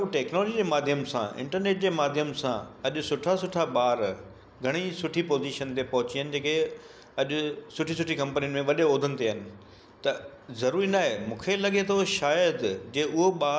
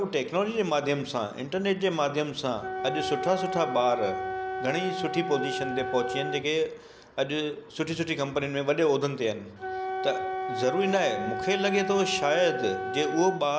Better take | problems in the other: first | background sound (Wind instrument, woodwind instrument); 6 dB below the speech

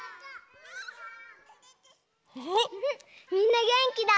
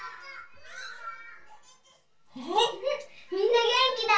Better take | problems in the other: first | room echo; dies away in 0.2 s

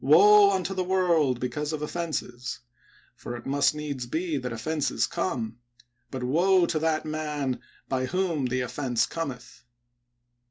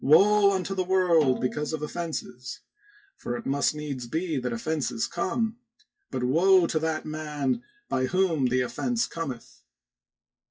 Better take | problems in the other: first | noise reduction (classical method WPE with log-MMSE)

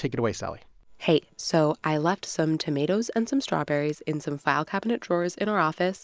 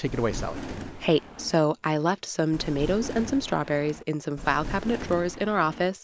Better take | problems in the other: first | background sound (Thunder); 10 dB below the speech

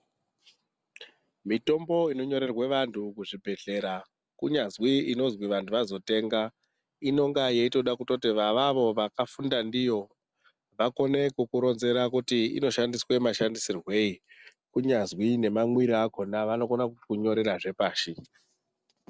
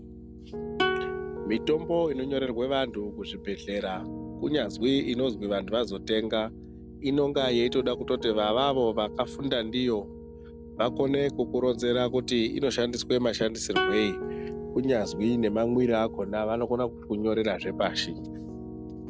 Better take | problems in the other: first | background sound (Piano + Plucked string instrument); 8 dB below the speech

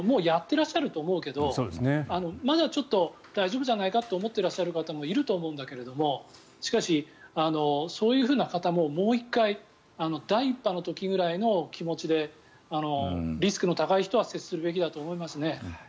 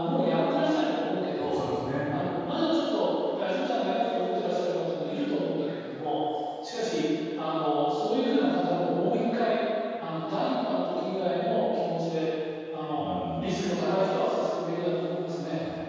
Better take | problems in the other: first | room echo; dies away in 2.2 s

